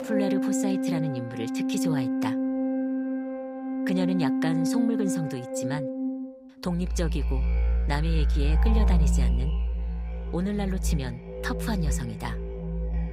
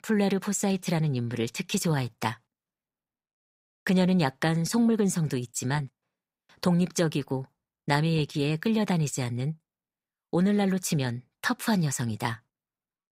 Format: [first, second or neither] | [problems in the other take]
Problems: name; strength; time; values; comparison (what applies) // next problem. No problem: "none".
second | background music; very loud; throughout; 4 dB above the speech